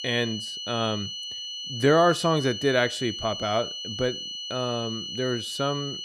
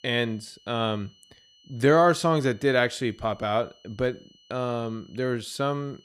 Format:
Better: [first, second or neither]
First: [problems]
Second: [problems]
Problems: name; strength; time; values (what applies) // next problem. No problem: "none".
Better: second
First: high-pitched whine; loud; throughout; 3 kHz, 6 dB below the speech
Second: high-pitched whine; faint; throughout; 3 kHz, 30 dB below the speech